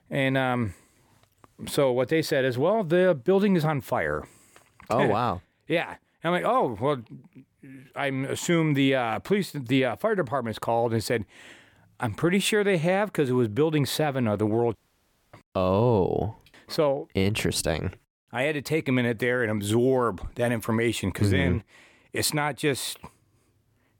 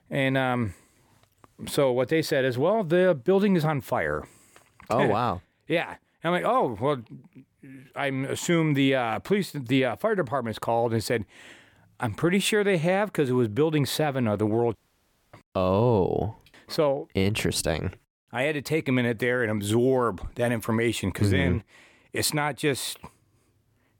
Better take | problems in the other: neither | audio cutting out; at 15 s for 0.5 s; the same in both

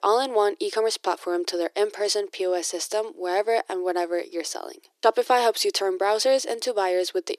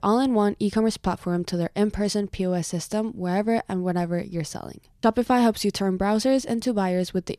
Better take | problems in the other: second | thin; very; fading below 350 Hz

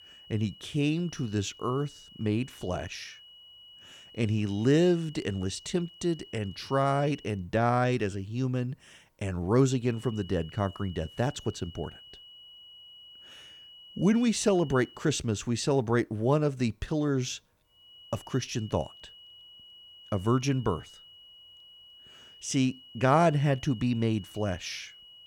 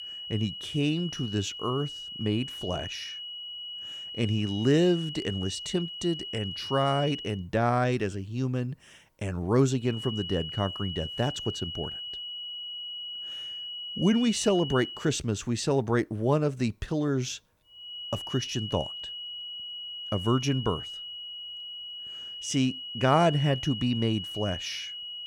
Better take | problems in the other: first | high-pitched whine; loud; until 7.5 s, from 10 to 15 s and from 18 s on; 3 kHz, 7 dB below the speech; faint in the first

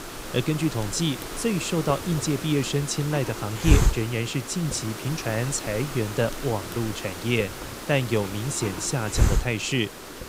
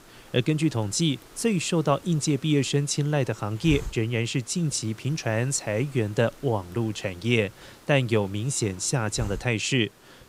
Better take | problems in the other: second | hiss; loud; throughout; 4 dB below the speech; faint in the second

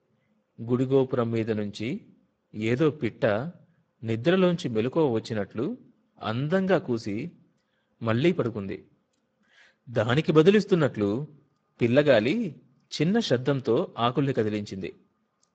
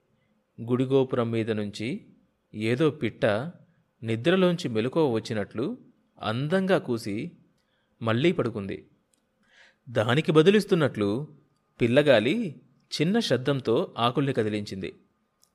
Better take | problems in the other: second | garbled, watery; badly; nothing above 7.5 kHz

